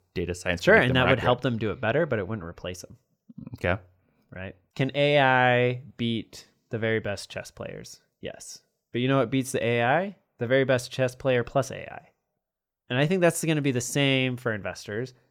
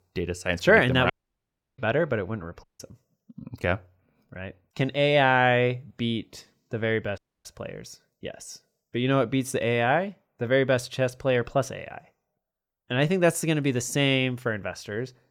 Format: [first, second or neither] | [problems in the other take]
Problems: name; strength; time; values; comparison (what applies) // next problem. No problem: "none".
first | audio cutting out; at 1 s for 0.5 s, at 2.5 s and at 7 s